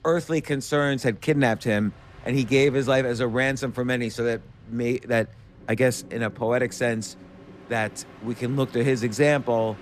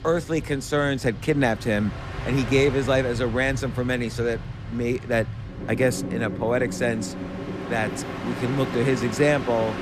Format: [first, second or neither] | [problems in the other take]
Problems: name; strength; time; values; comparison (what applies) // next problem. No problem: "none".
first | train or aircraft noise; loud; throughout; 8 dB below the speech; faint in the first